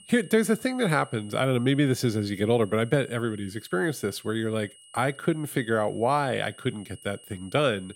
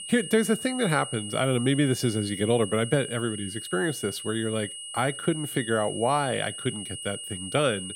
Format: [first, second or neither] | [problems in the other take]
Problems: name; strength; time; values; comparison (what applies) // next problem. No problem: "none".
first | high-pitched whine; loud; throughout; 3 kHz, 8 dB below the speech; faint in the first